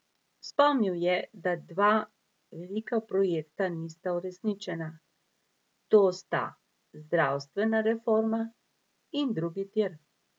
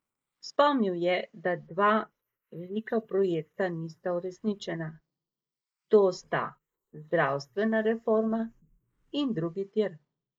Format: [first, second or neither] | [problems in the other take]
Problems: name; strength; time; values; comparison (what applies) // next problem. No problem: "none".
first | noise reduction (neural mask model Resemble Enhance denoiser)